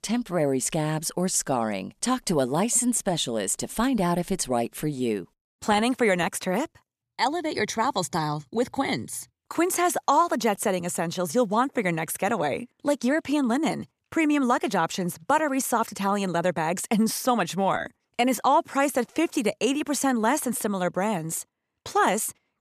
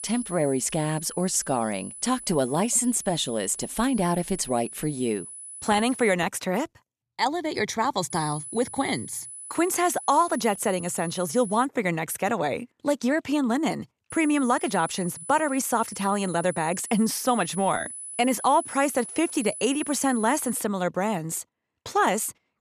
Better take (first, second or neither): first